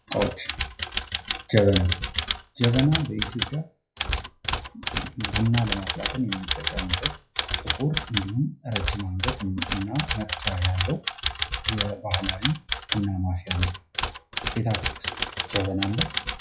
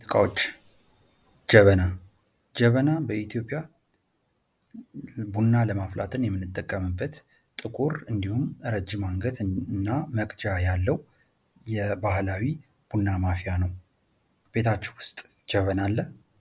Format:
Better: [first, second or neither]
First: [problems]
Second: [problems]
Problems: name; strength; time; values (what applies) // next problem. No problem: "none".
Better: second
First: noise reduction (classical method WPE with log-MMSE)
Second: none